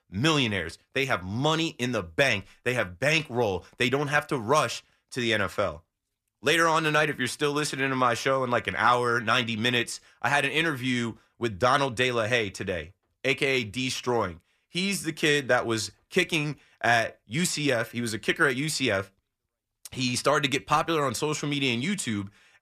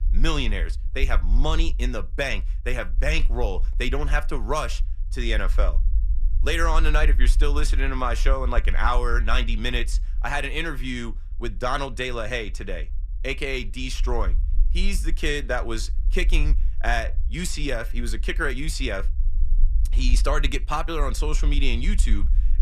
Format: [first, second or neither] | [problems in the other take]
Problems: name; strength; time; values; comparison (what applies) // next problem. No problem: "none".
first | low rumble; faint; throughout; 25 dB below the speech